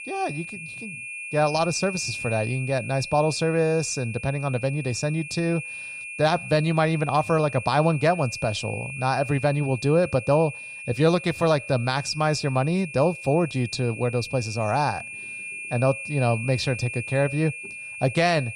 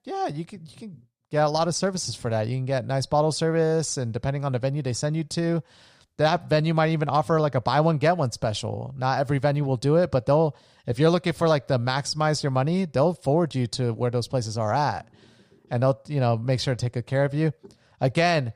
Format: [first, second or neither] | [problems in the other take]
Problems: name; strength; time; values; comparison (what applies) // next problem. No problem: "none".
second | high-pitched whine; loud; throughout; 2.5 kHz, 10 dB below the speech